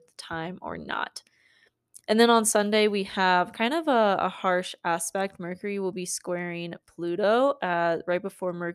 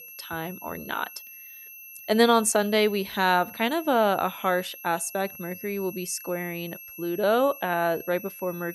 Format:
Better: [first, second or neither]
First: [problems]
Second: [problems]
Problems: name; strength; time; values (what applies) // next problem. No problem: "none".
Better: first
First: none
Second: high-pitched whine; noticeable; throughout; 2.5 kHz, 15 dB below the speech